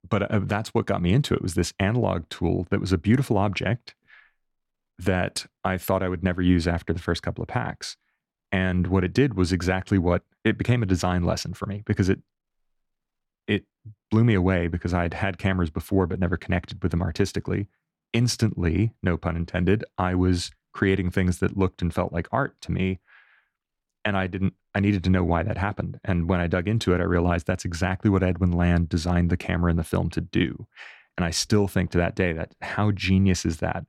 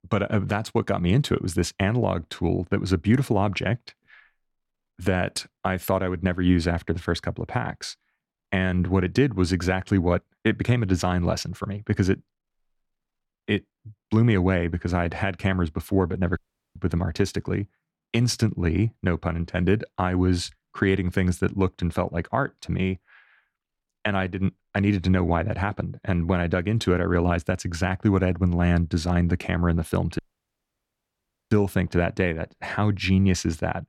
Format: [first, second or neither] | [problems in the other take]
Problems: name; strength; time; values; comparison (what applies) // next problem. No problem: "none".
first | audio cutting out; at 16 s and at 30 s for 1.5 s